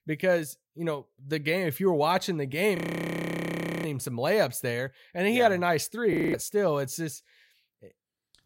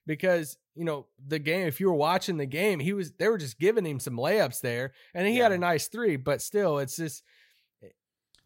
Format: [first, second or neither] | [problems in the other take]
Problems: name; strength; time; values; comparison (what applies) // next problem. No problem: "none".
second | audio freezing; at 3 s for 1 s and at 6 s